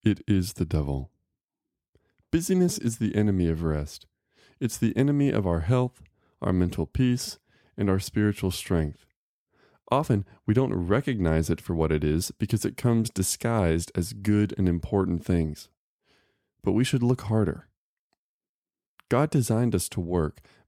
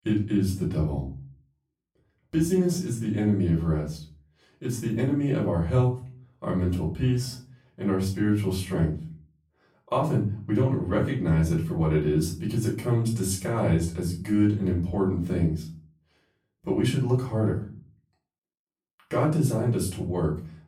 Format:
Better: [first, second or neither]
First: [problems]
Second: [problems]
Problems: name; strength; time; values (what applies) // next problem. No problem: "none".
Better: first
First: none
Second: off-mic speech; far // room echo; slight; dies away in 0.4 s